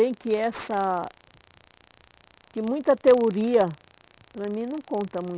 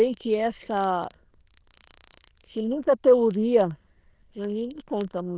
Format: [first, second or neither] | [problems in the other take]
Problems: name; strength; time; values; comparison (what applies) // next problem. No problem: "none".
first | noise reduction (neural diffusion model UNIVERSE++)